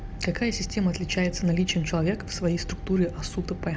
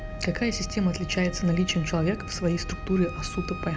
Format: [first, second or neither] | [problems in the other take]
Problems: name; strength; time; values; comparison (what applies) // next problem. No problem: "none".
first | background sound (Wind instrument, woodwind instrument); 16 dB below the speech